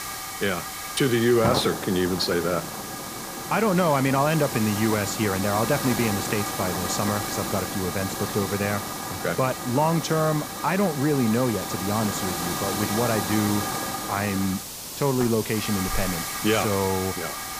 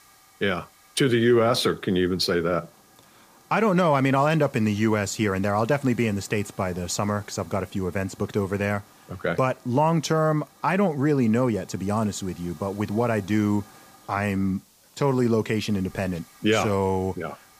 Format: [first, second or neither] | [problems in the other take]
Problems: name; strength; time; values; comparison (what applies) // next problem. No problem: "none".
second | hiss; loud; throughout; 4 dB below the speech; faint in the second